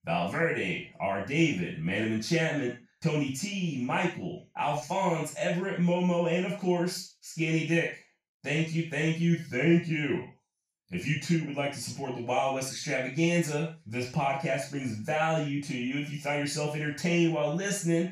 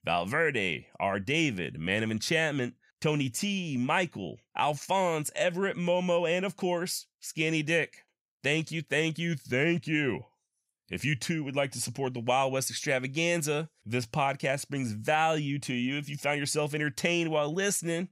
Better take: second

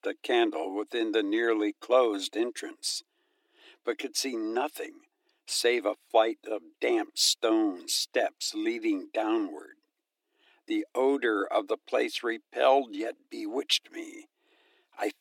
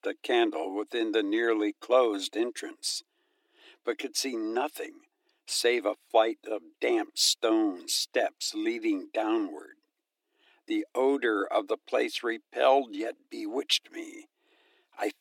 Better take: neither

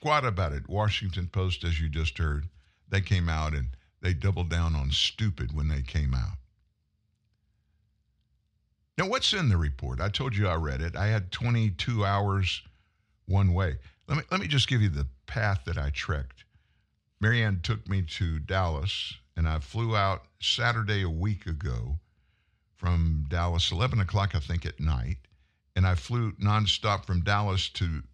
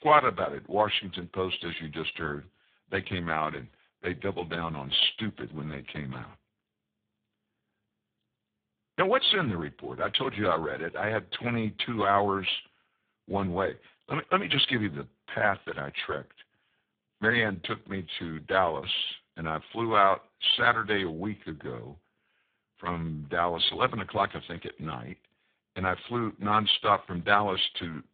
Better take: first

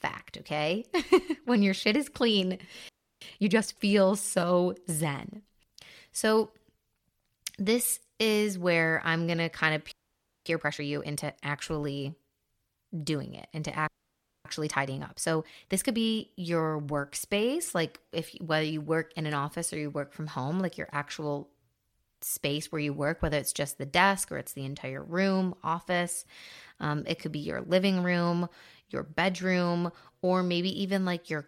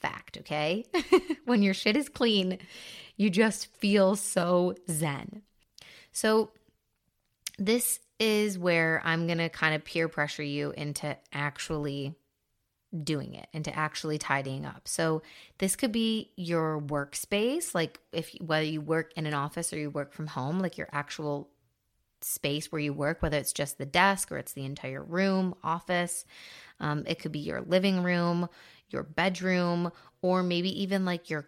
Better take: second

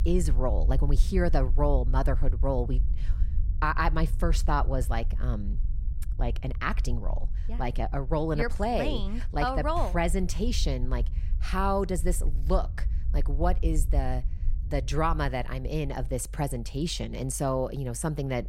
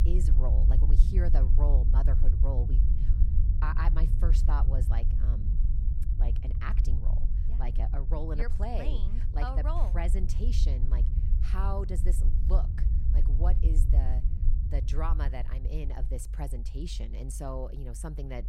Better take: first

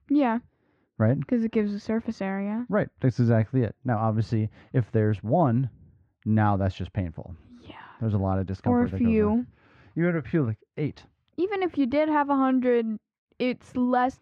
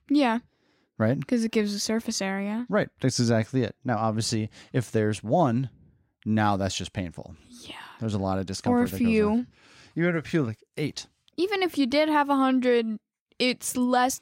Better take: second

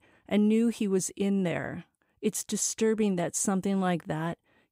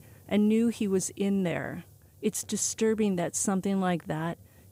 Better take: first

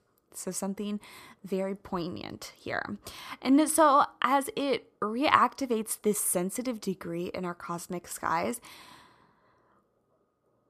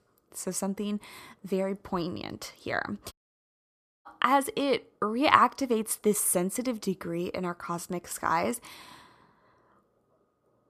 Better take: first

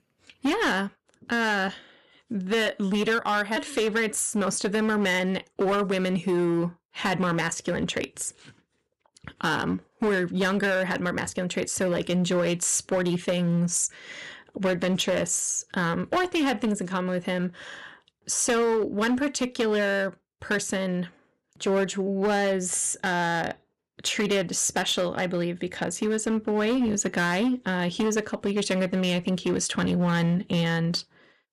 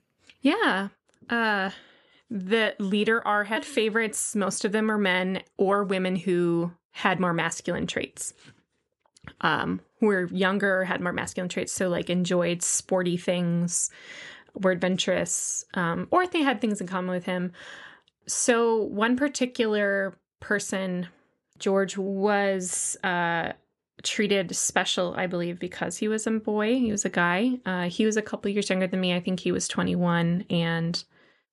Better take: second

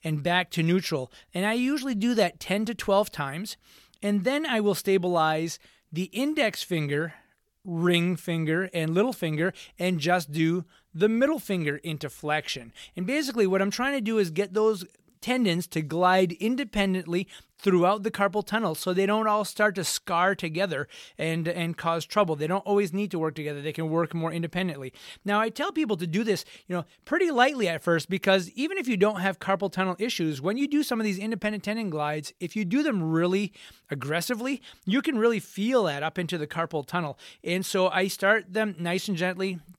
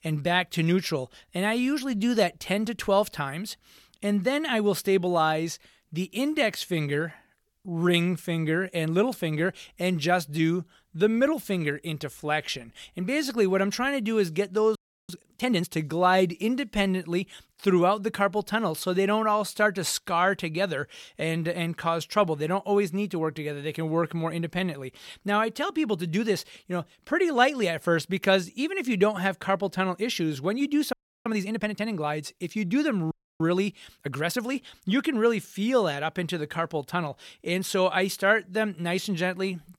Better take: first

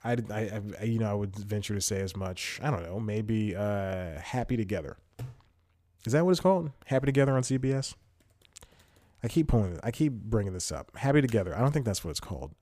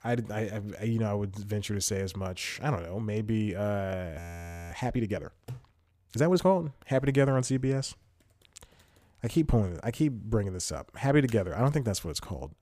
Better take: first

